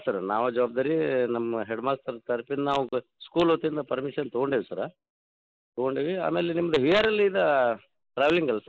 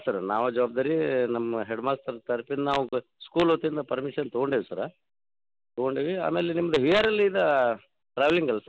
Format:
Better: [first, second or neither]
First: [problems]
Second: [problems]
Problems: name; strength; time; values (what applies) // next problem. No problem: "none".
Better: second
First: noise reduction (neural mask model Resemble Enhance denoiser)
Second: none